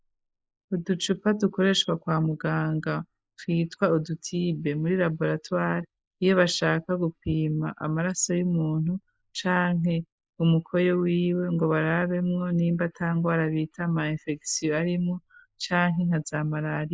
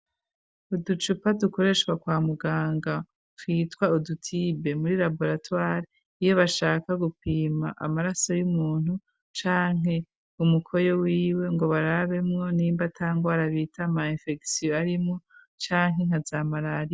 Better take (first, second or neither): second